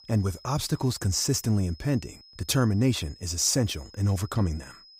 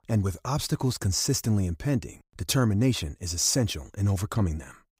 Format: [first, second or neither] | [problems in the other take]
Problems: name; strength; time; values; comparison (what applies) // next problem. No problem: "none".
second | high-pitched whine; faint; throughout; 5 kHz, 25 dB below the speech